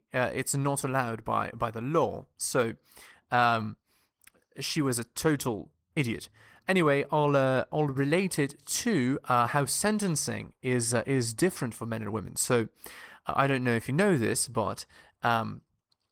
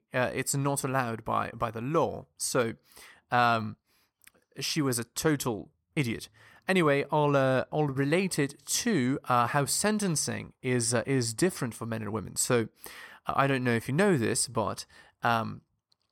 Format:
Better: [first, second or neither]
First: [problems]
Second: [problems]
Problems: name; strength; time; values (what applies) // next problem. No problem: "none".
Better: second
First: garbled, watery; slightly; nothing above 15.5 kHz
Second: none